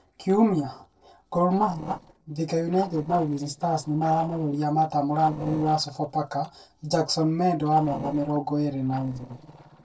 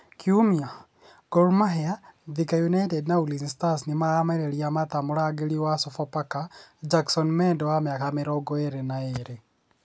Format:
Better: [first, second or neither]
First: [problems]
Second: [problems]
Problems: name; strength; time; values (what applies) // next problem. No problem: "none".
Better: second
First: noise reduction (neural separator model SepFormer DNS4)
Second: none